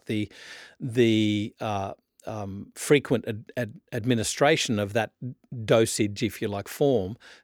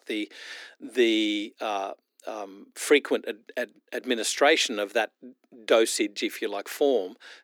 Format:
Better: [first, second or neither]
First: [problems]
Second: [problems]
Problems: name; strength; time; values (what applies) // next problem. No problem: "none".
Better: first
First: none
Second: thin; somewhat; fading below 300 Hz